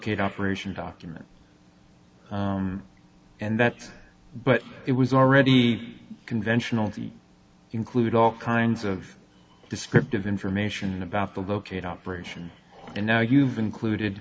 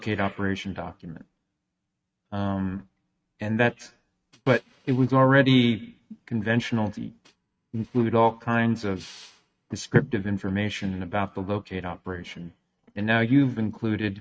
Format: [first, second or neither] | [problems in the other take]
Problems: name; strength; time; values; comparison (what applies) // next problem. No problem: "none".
first | noise reduction (neural mask model RNNoise)